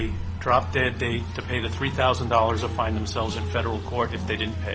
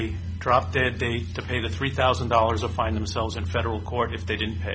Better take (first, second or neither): second